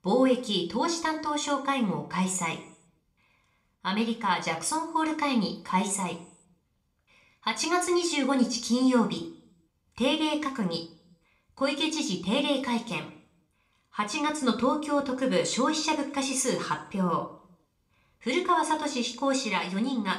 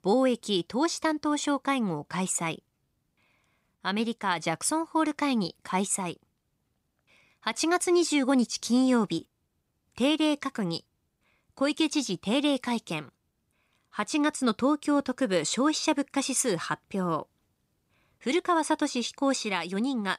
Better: second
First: room echo; very slight; dies away in 0.4 s // off-mic speech; somewhat distant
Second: none

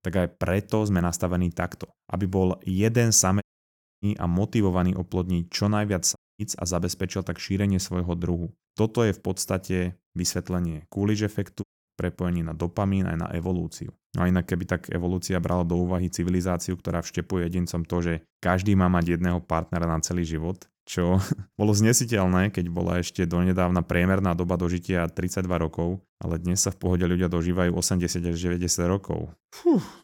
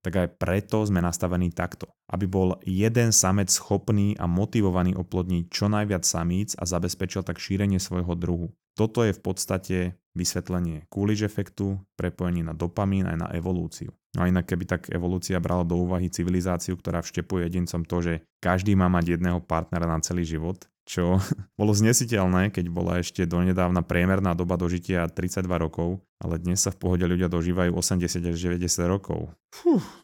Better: second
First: audio cutting out; at 3.5 s for 0.5 s, at 6 s and at 12 s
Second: none

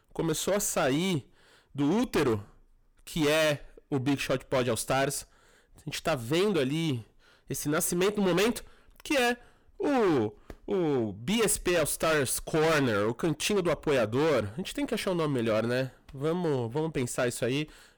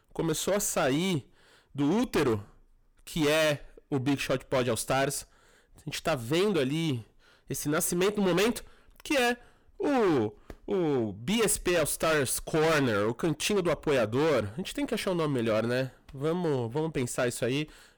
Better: neither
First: distortion; heavy; 14% of the sound clipped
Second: distortion; heavy; 14% of the sound clipped

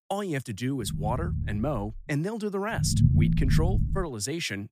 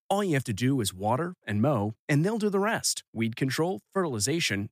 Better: second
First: low rumble; loud; from 1 to 2 s and from 3 to 4 s; 5 dB below the speech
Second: none

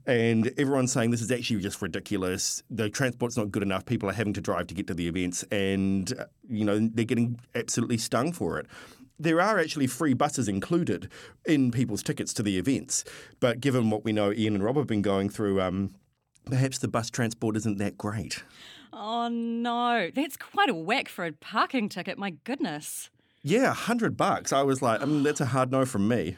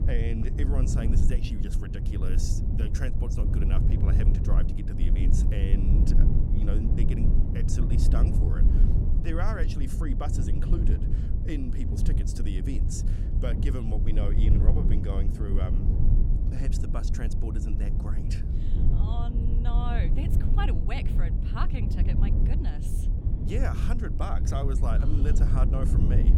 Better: first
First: none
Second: low rumble; loud; throughout; 2 dB below the speech

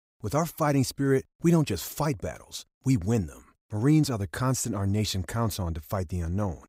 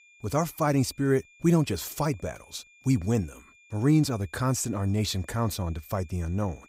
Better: first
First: none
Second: high-pitched whine; faint; throughout; 2.5 kHz, 30 dB below the speech

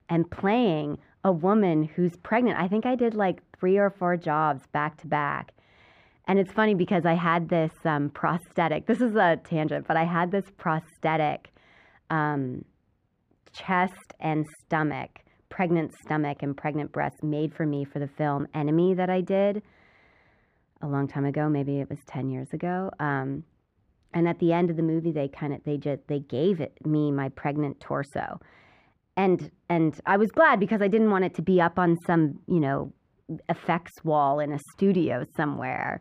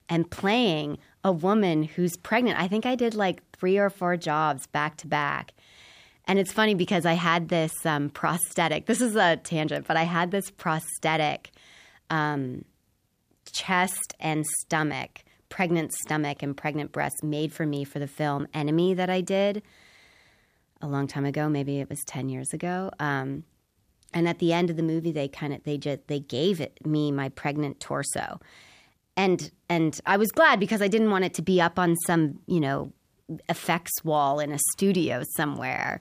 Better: second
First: muffled; very; fading above 4 kHz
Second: none

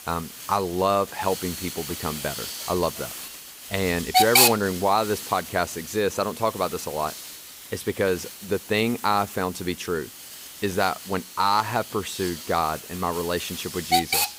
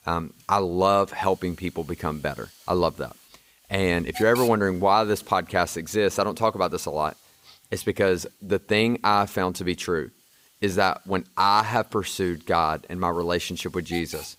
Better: second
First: hiss; loud; throughout; 2 dB below the speech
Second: hiss; faint; throughout; 20 dB below the speech

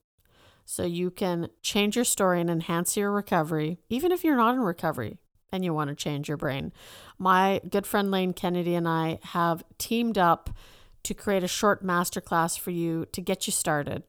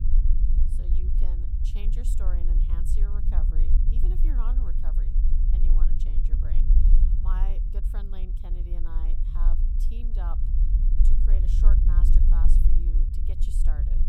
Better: first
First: none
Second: low rumble; loud; throughout; as loud as the speech

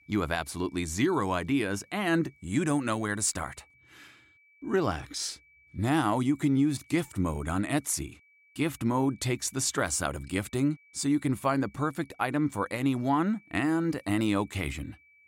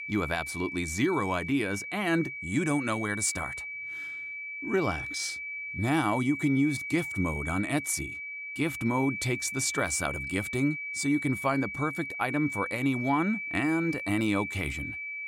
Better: first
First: high-pitched whine; faint; throughout; 2.5 kHz, 30 dB below the speech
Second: high-pitched whine; loud; throughout; 2.5 kHz, 5 dB below the speech

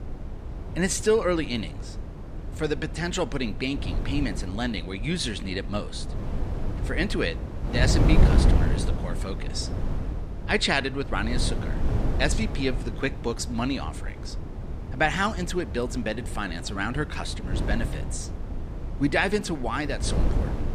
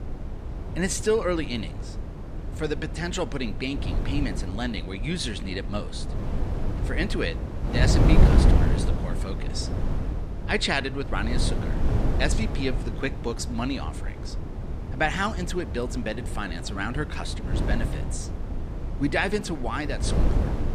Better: first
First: wind noise on the microphone; occasional gusts; 10 dB below the speech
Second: wind noise on the microphone; heavy; 7 dB below the speech

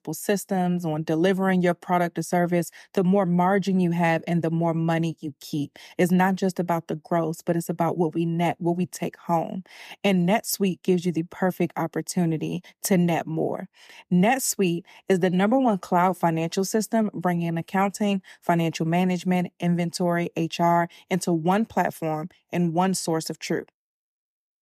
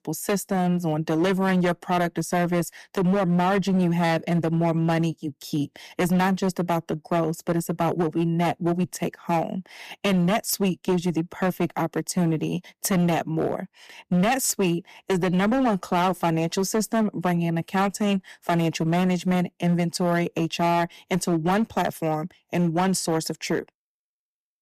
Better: first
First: none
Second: distortion; slight; 11% of the sound clipped

